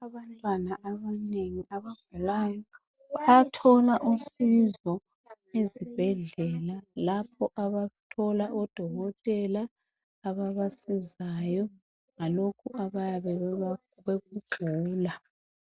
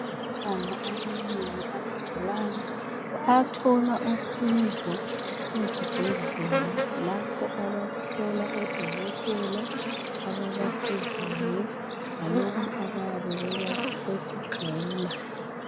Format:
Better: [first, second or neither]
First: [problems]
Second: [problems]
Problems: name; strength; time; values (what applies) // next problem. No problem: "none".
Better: first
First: none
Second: background sound (Bird / Insect); 1 dB below the speech